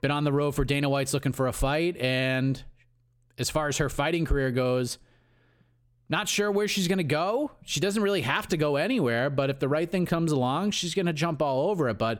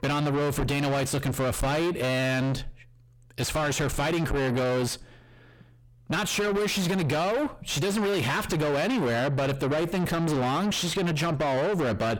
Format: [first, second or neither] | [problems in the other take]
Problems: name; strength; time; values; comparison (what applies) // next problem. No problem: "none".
first | distortion; heavy; 6 dB below the speech